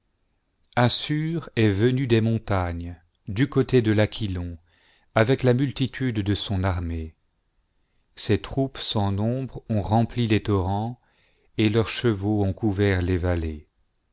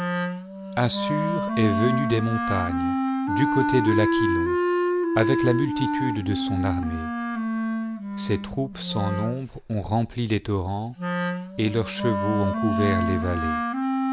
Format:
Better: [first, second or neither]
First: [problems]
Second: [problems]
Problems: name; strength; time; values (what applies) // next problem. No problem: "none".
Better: first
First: none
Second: background sound (Wind instrument, woodwind instrument); 1 dB above the speech